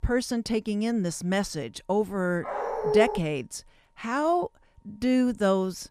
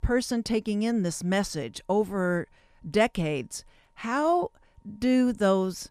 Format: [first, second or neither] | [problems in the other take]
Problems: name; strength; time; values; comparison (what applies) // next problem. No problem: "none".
second | dog barking; loud; at 2.5 s; peak 1 dB above the speech